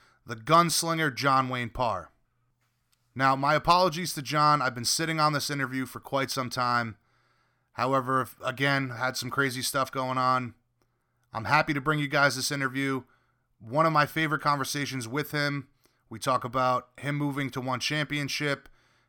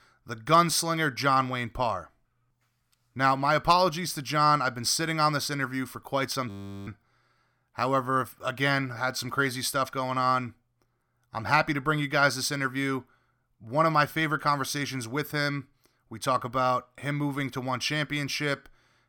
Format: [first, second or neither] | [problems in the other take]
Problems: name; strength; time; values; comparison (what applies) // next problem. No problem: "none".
first | audio freezing; at 6.5 s